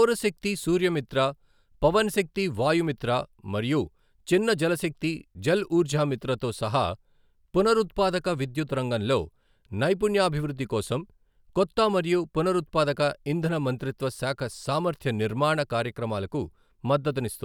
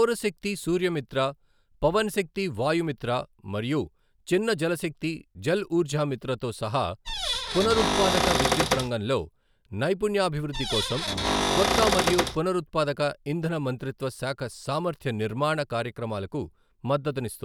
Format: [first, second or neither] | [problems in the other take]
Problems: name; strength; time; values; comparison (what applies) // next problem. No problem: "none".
first | background sound (Cupboard open or close / Door); 2 dB above the speech